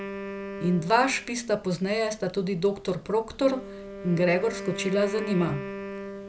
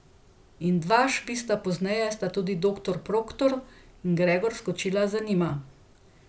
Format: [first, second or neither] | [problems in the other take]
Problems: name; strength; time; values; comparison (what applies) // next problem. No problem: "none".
second | background sound (Wind instrument, woodwind instrument); 11 dB below the speech